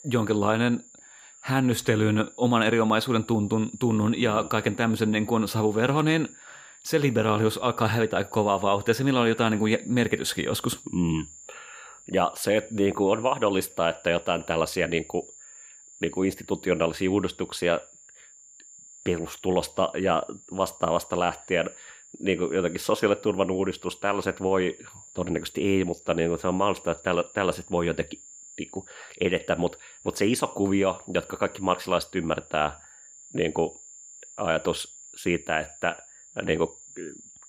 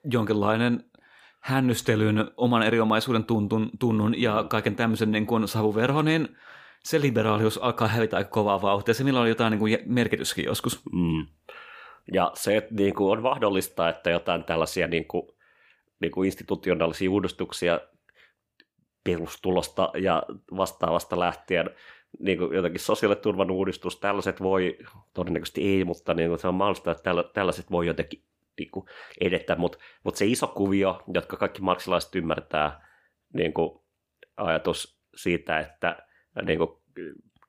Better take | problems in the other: second | high-pitched whine; faint; throughout; 7 kHz, 20 dB below the speech

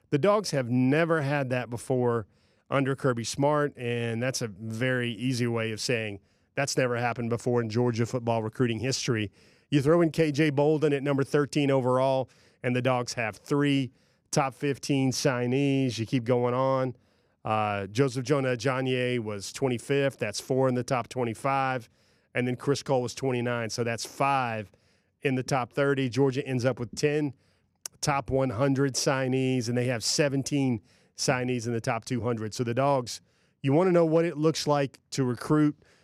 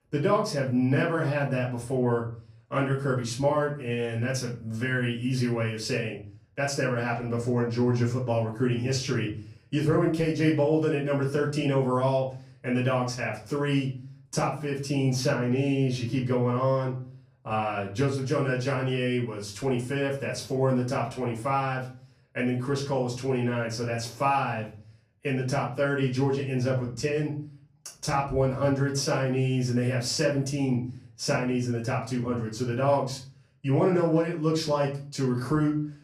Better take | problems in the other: first | room echo; slight; dies away in 0.4 s // off-mic speech; far

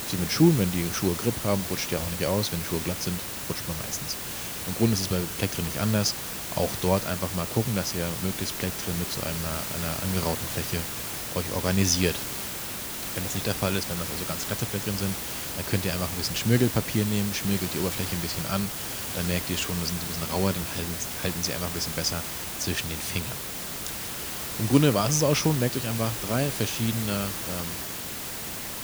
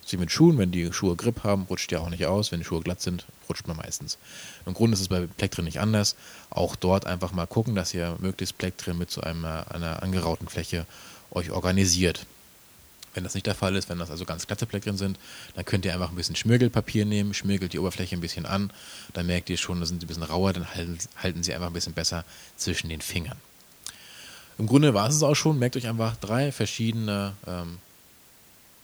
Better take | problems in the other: second | hiss; loud; throughout; 3 dB below the speech; faint in the second

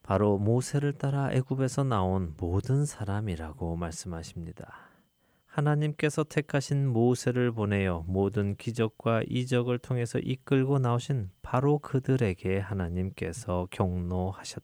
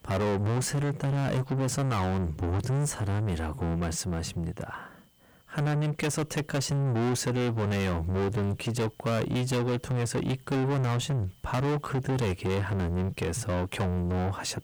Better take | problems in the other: first | distortion; heavy; 6 dB below the speech

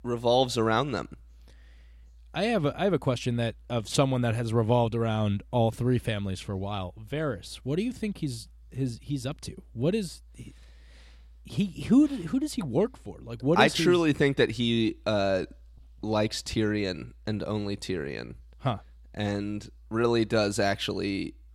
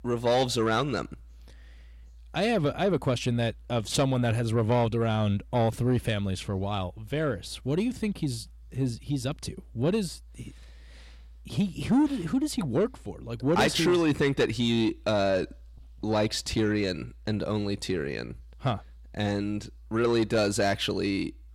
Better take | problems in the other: first | distortion; slight; 10 dB below the speech

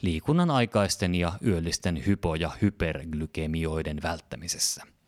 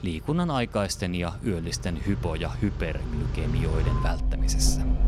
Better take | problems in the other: first | traffic noise; loud; throughout; 1 dB below the speech

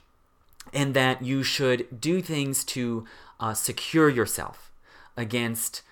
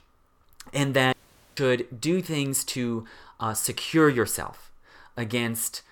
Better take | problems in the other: first | audio cutting out; at 1 s

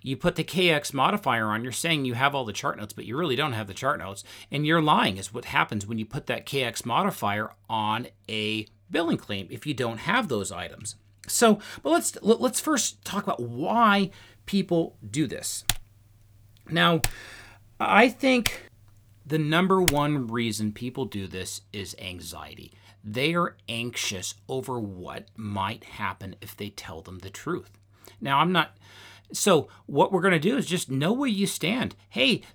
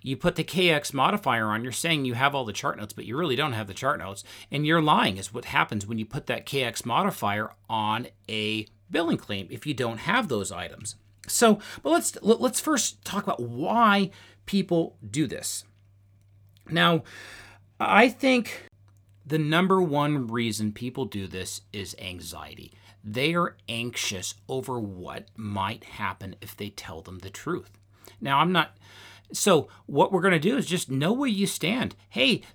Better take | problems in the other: second | keyboard typing; noticeable; from 16 to 20 s; peak 1 dB below the speech

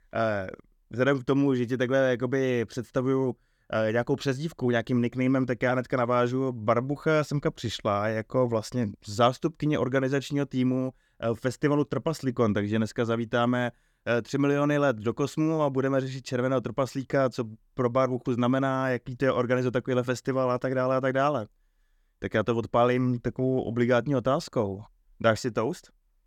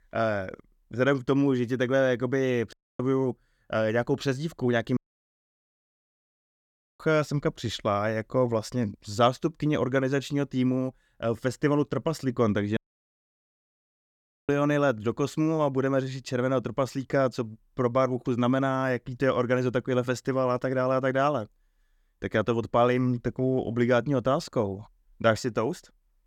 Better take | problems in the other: first | audio cutting out; at 2.5 s, at 5 s for 2 s and at 13 s for 1.5 s

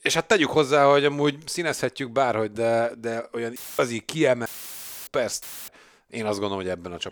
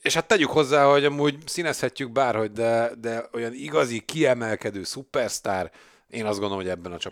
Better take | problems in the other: second | audio cutting out; filled with static; at 3.5 s, at 4.5 s for 0.5 s and at 5.5 s

